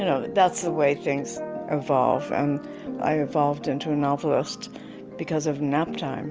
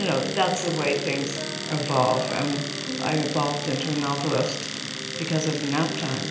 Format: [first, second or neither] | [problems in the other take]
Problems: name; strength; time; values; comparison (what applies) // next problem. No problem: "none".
first | background sound (Domestic sounds, home sounds); 7 dB below the speech // room echo; dies away in 0.8 s